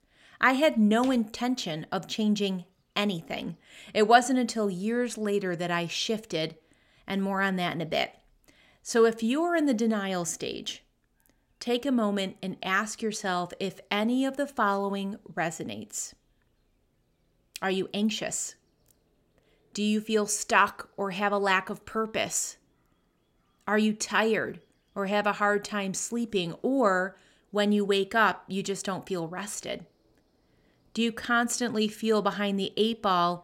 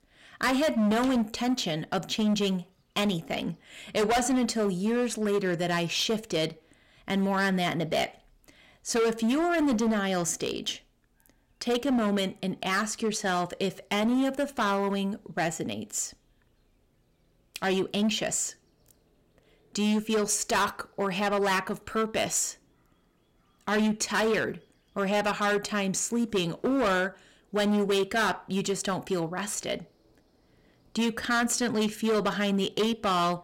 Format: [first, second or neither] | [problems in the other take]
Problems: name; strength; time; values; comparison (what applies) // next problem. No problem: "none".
first | distortion; heavy; 11% of the sound clipped